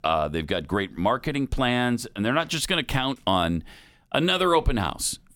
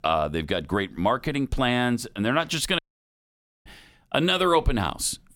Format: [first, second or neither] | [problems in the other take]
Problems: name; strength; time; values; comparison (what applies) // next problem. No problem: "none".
first | audio cutting out; at 3 s for 1 s